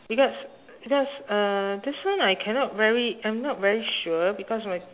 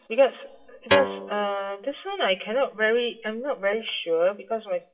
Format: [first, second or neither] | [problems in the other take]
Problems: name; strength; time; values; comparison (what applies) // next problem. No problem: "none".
first | noise reduction (classical method WPE with log-MMSE)